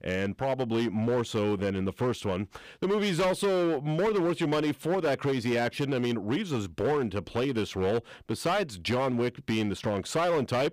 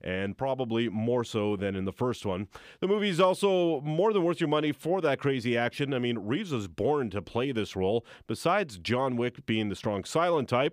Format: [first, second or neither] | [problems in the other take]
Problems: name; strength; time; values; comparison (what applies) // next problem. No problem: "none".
second | distortion; slight; 14% of the sound clipped